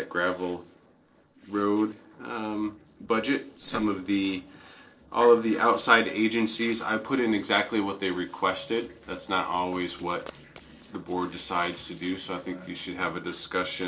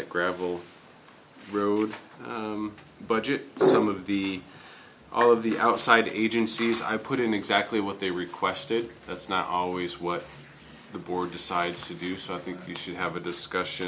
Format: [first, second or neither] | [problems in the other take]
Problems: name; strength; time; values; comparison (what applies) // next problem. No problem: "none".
second | noise reduction (neural separator model SepFormer DNS4)